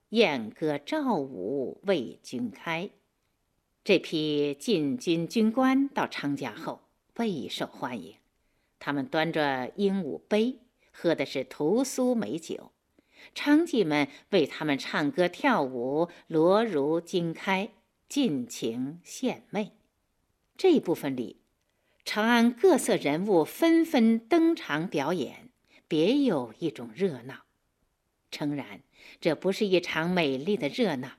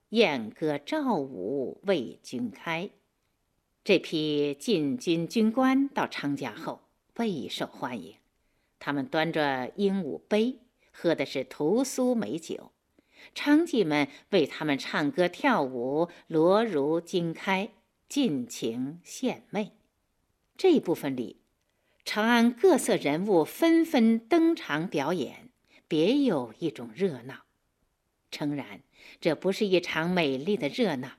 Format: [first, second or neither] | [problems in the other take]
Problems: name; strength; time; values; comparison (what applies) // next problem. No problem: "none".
neither | none